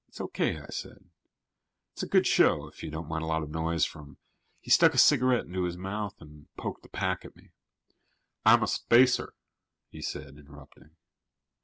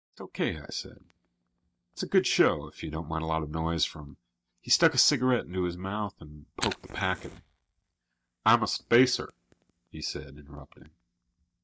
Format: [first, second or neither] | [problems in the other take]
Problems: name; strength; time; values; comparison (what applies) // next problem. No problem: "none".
first | noise reduction (neural mask model DeepFilterNet 3)